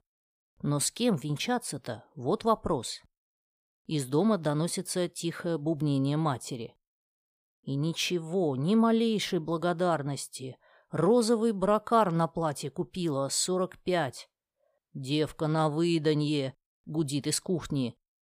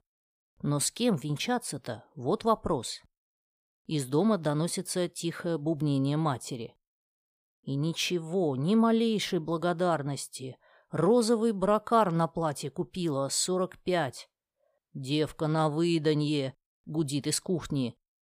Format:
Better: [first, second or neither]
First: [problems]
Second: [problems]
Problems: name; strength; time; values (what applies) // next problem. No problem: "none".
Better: neither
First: none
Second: none